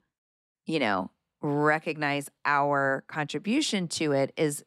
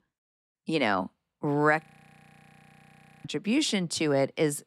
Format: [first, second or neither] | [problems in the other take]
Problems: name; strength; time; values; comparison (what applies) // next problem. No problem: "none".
first | audio freezing; at 2 s for 1.5 s